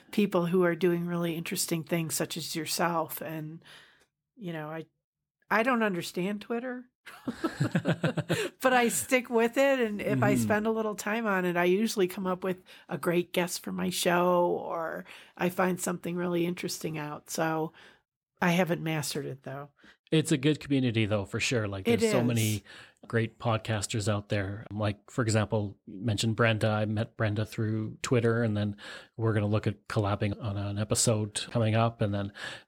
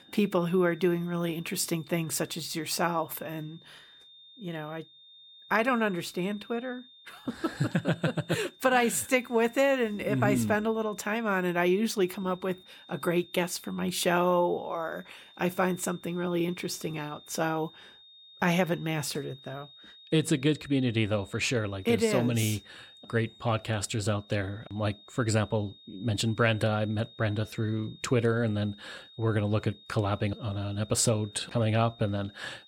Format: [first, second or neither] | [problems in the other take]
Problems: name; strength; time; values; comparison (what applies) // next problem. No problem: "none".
first | high-pitched whine; faint; throughout; 3.5 kHz, 25 dB below the speech